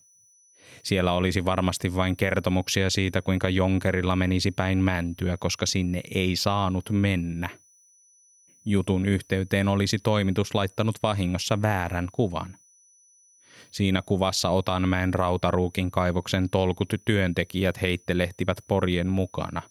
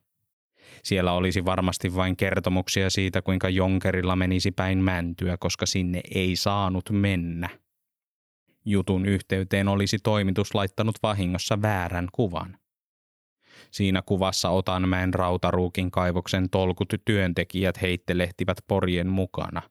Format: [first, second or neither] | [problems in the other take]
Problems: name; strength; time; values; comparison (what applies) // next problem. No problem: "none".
second | high-pitched whine; faint; throughout; 6 kHz, 30 dB below the speech